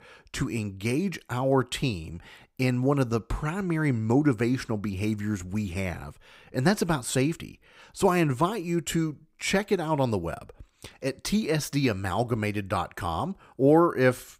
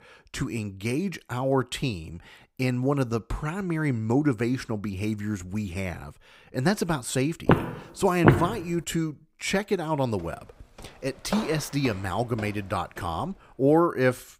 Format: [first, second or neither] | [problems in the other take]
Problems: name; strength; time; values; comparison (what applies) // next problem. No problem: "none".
first | footsteps; loud; at 7.5 s; peak 6 dB above the speech // footsteps; noticeable; from 10 to 13 s; peak 7 dB below the speech